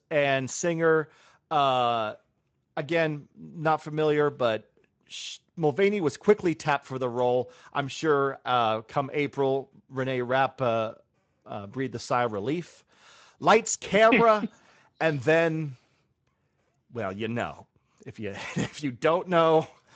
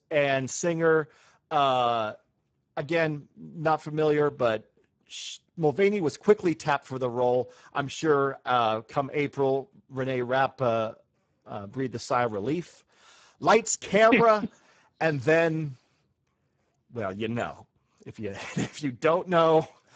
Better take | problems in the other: first | garbled, watery; badly; nothing above 7.5 kHz; slightly in the first

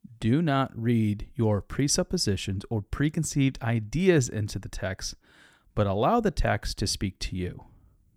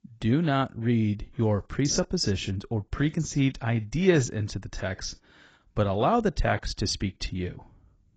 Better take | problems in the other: first | garbled, watery; badly; nothing above 7.5 kHz

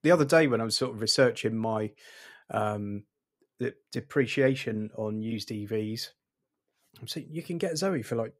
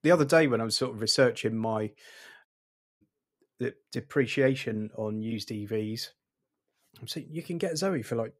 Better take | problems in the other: first | audio cutting out; at 2.5 s for 0.5 s

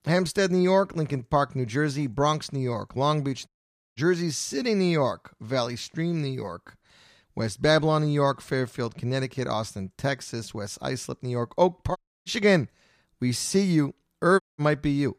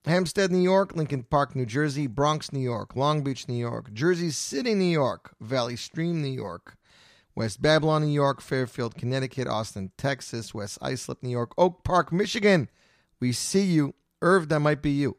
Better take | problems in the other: second | audio cutting out; at 3.5 s, at 12 s and at 14 s

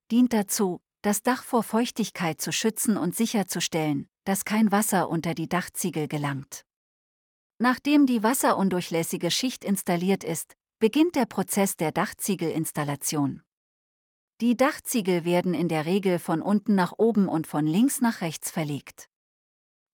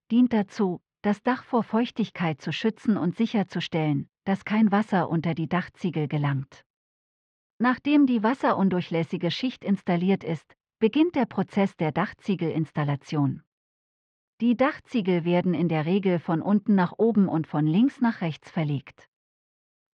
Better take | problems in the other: first | muffled; slightly; fading above 3.5 kHz

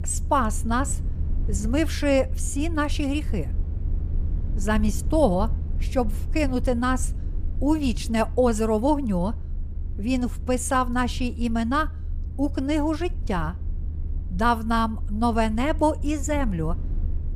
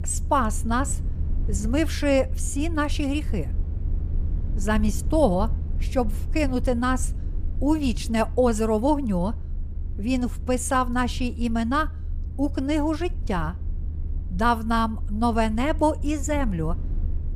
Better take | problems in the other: neither | low rumble; faint; throughout; 20 dB below the speech; the same in both

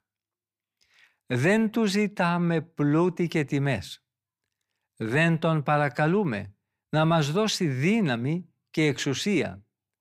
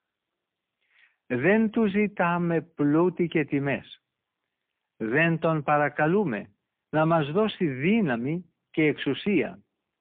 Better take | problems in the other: first | phone-call audio; poor line

